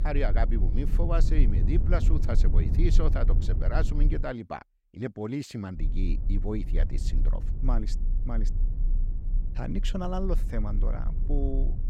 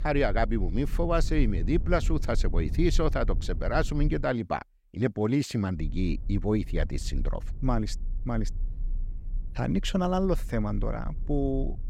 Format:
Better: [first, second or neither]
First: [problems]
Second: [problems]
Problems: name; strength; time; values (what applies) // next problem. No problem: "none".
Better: second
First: low rumble; loud; until 4 s and from 6 s on; 10 dB below the speech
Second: low rumble; faint; until 4 s and from 6 s on; 20 dB below the speech